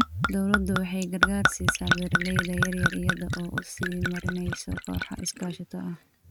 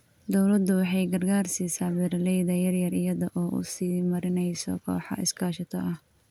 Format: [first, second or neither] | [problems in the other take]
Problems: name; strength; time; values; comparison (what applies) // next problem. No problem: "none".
second | noise reduction (neural mask model RNNoise)